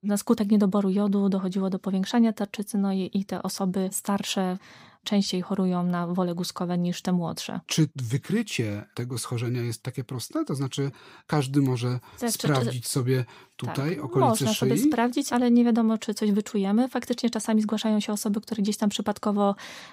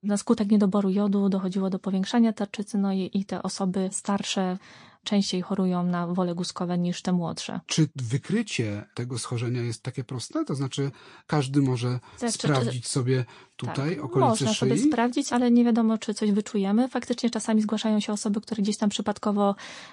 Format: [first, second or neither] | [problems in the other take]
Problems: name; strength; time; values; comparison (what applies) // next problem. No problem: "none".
first | garbled, watery; slightly